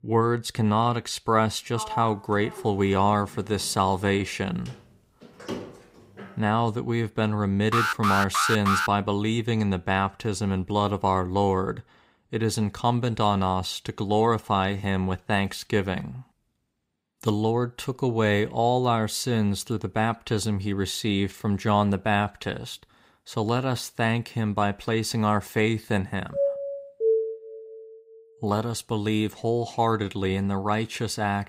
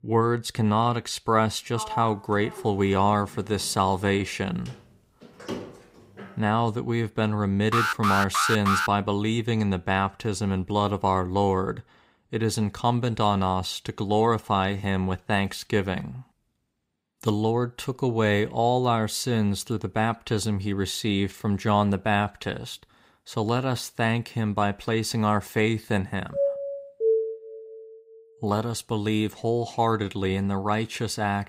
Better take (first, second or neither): neither